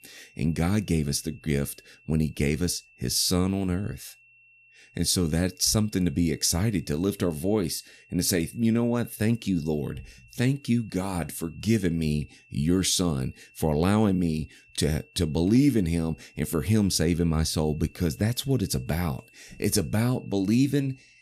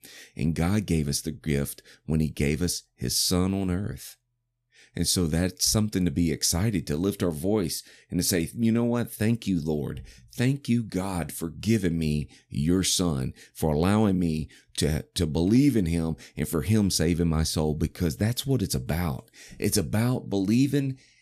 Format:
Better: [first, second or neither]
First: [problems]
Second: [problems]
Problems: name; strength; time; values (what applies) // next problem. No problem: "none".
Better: second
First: high-pitched whine; faint; throughout; 2.5 kHz, 30 dB below the speech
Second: none